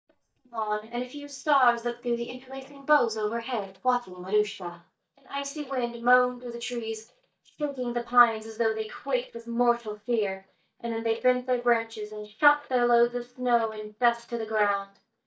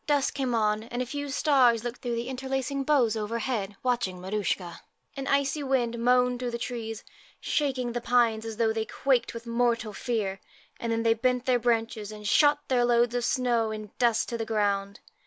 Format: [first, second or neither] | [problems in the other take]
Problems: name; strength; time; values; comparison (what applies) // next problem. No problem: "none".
second | noise reduction (neural mask model DeepFilterNet 3)